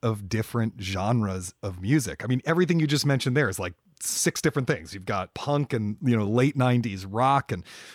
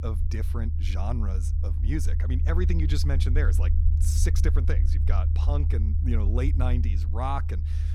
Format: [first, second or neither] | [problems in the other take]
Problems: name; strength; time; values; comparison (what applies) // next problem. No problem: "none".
first | low rumble; loud; throughout; 7 dB below the speech